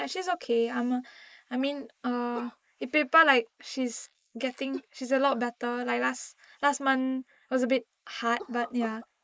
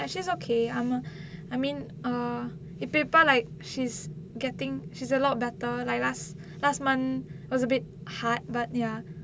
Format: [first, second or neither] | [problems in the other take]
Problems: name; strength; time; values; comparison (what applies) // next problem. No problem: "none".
second | noise reduction (neural mask model Resemble Enhance denoiser)